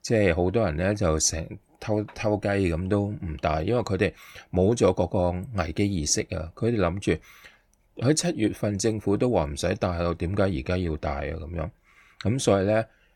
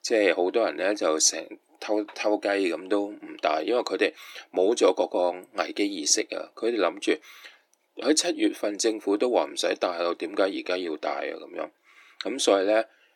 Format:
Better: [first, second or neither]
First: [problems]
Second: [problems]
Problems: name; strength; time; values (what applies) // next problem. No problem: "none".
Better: first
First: none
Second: thin; somewhat; fading below 300 Hz